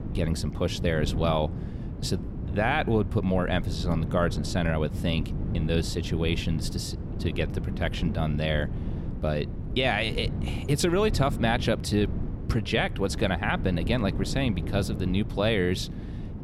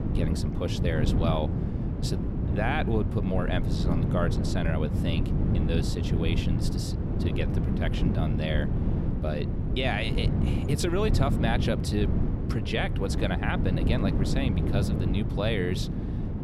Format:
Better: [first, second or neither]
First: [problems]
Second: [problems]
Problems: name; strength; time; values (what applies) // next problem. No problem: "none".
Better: first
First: wind noise on the microphone; occasional gusts; 15 dB below the speech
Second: wind noise on the microphone; heavy; 4 dB below the speech